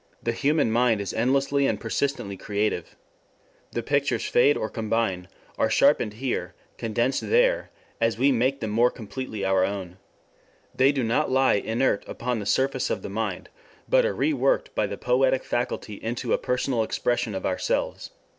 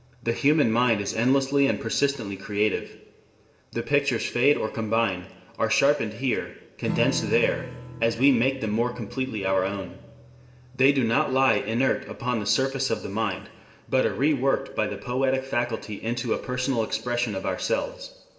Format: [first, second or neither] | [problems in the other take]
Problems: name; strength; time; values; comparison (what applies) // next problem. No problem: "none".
first | background sound (Strum); 17 dB below the speech // room echo; dies away in 1.1 s